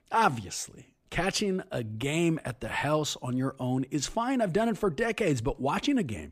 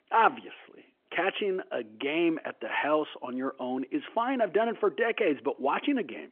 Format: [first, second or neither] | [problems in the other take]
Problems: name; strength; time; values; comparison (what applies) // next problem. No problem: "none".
first | phone-call audio; nothing above 3.5 kHz